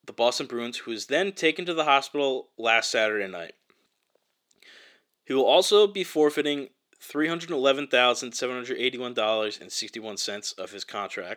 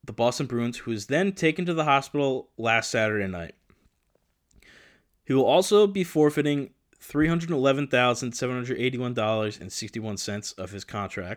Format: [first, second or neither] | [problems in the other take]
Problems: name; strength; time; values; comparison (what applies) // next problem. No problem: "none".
second | thin; somewhat; fading below 400 Hz